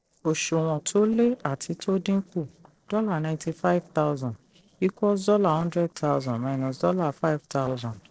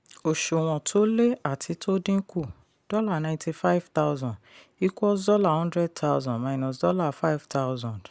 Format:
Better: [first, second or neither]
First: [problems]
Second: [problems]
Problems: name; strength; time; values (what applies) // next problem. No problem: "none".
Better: second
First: noise reduction (neural separator model SepFormer DNS4)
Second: none